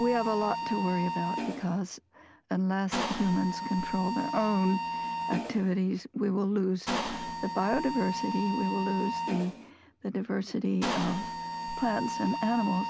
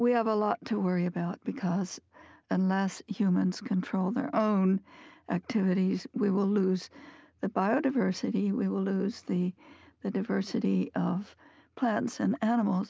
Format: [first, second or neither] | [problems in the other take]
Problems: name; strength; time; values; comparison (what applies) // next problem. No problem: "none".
second | background sound (Mechanisms); 5 dB below the speech